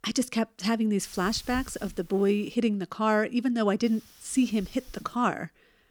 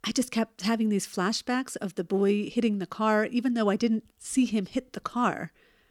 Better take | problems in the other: second | hiss; faint; from 1 to 2.5 s and from 4 to 5 s; 20 dB below the speech

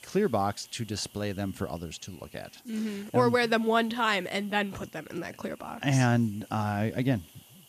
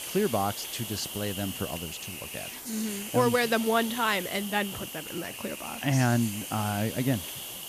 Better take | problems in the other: first | hiss; loud; throughout; 7 dB below the speech; faint in the first

